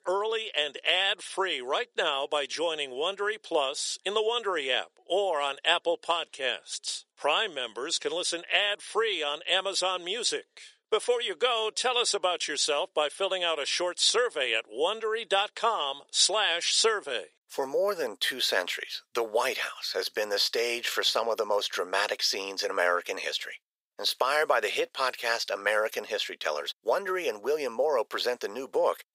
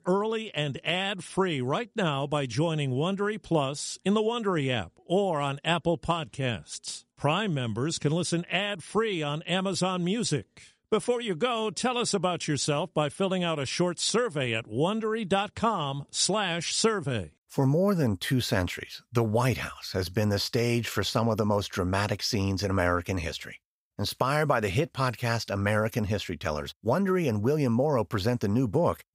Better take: second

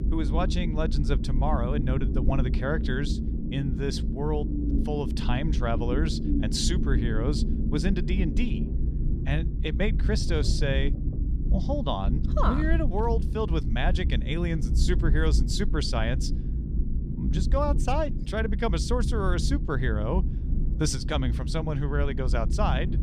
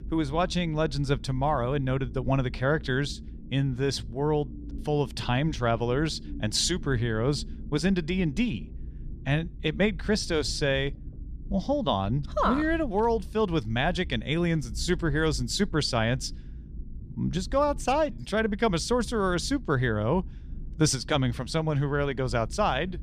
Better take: second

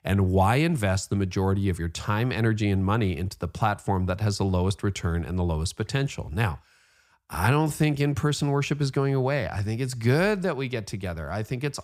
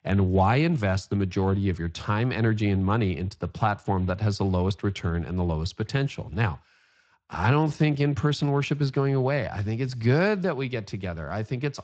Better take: first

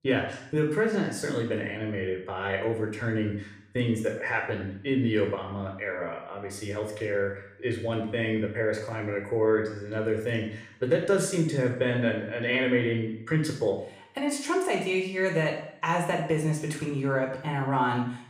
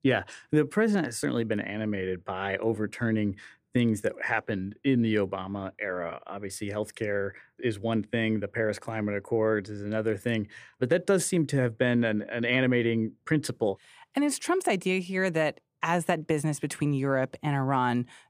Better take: second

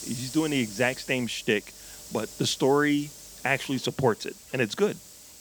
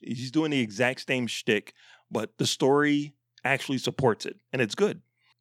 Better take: second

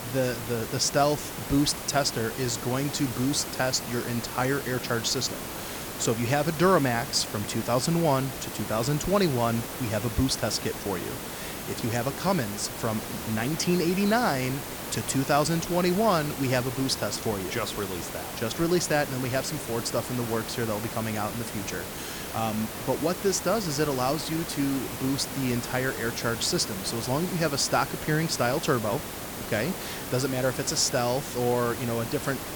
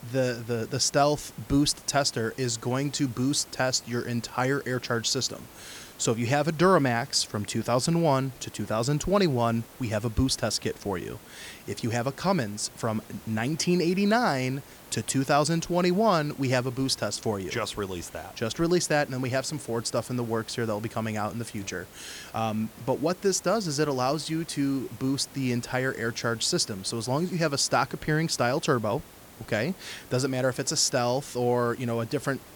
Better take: second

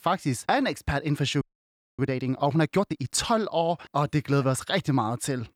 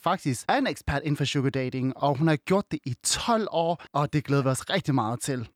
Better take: second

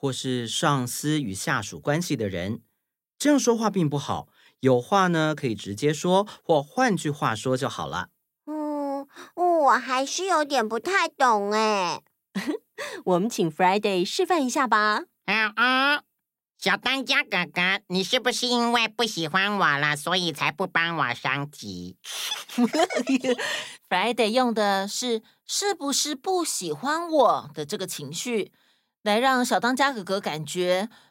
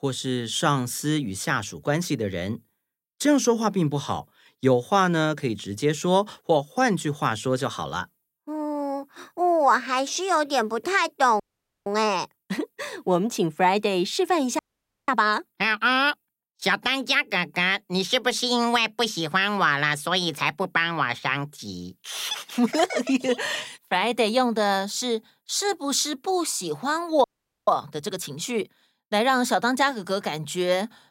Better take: first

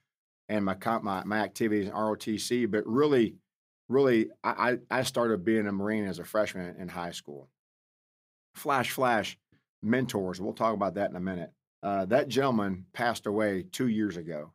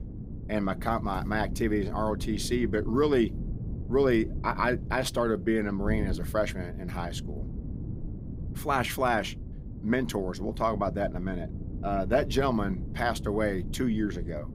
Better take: first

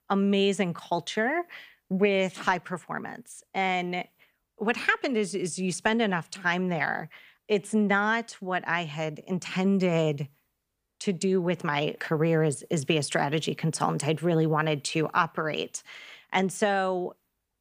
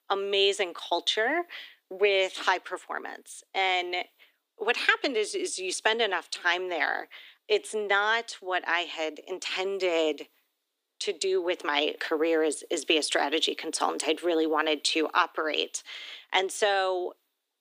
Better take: first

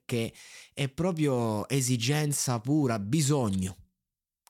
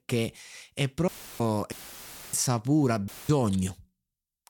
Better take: first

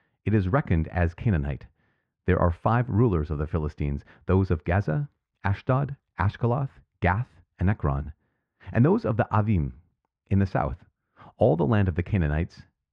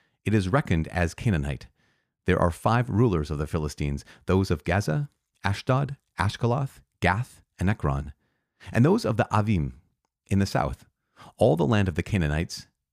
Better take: second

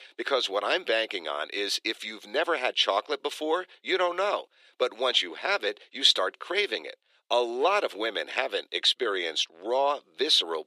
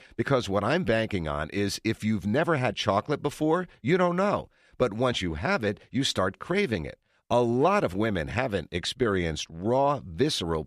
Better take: second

